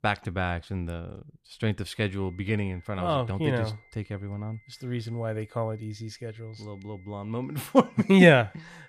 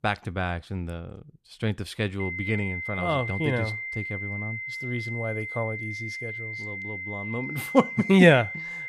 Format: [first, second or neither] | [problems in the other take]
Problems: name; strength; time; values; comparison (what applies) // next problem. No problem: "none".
first | high-pitched whine; loud; from 2 s on; 2 kHz, 7 dB below the speech; faint in the first